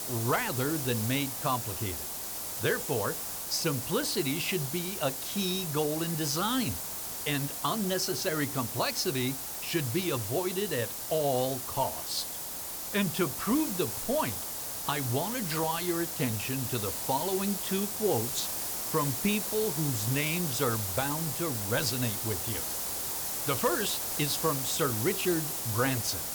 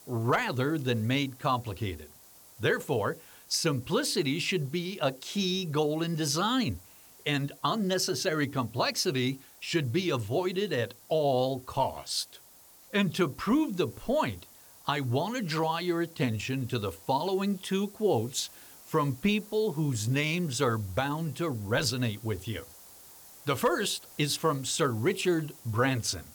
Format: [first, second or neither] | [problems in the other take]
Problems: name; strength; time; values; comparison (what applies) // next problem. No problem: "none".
second | hiss; loud; throughout; 1 dB below the speech; faint in the second